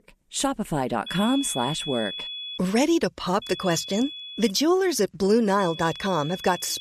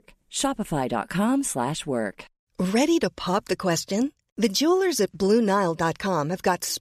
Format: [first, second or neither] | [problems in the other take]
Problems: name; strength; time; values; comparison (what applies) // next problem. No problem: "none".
second | high-pitched whine; loud; from 1 to 2.5 s, from 3.5 to 4.5 s and from 5.5 s on; 3.5 kHz, 10 dB below the speech